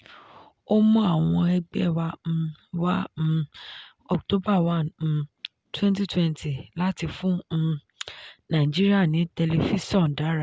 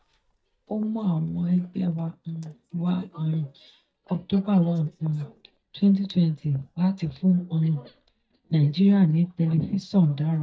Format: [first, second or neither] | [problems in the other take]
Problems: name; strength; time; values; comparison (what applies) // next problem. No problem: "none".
first | noise reduction (neural mask model DeepFilterNet 3)